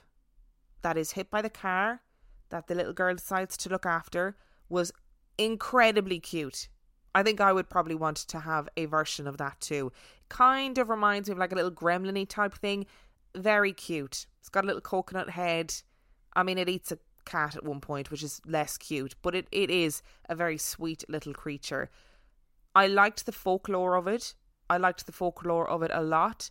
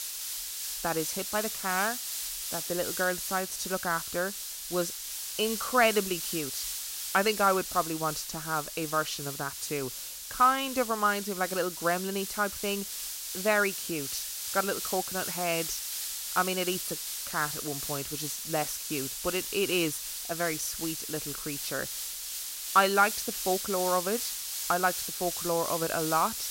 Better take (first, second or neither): first